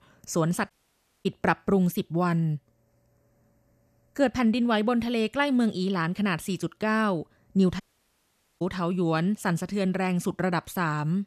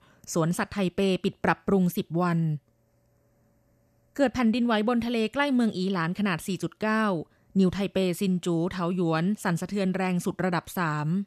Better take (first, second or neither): second